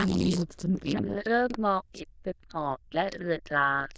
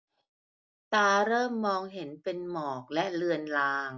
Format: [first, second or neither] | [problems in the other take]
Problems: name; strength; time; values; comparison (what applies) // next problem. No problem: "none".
second | noise reduction (neural diffusion model UNIVERSE++)